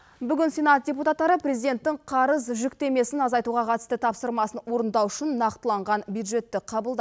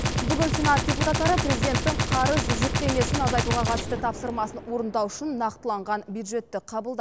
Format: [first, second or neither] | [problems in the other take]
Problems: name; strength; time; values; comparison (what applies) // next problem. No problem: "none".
first | background sound (Gunshot, gunfire); as loud as the speech